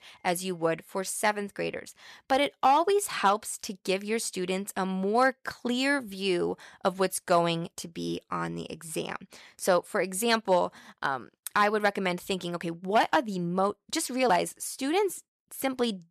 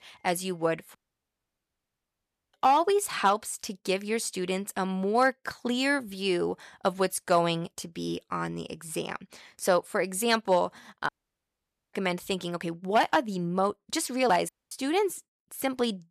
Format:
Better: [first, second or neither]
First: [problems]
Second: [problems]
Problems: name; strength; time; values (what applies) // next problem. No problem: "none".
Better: first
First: none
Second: audio cutting out; at 1 s for 1.5 s, at 11 s for 1 s and at 14 s